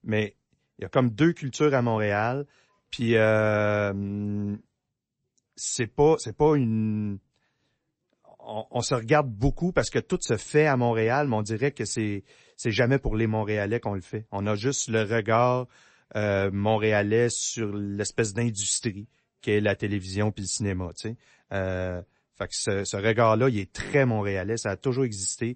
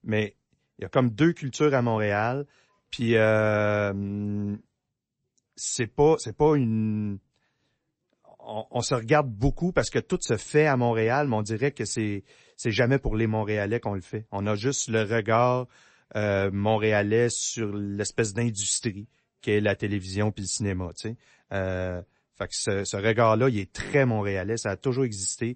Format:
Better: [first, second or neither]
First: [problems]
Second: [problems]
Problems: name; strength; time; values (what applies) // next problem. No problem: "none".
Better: neither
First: garbled, watery; slightly; nothing above 8 kHz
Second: garbled, watery; slightly; nothing above 8 kHz